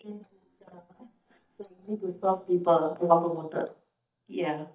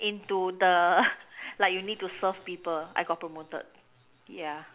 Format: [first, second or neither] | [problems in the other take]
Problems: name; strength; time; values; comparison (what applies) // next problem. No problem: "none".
second | noise reduction (neural mask model DeepFilterNet 3)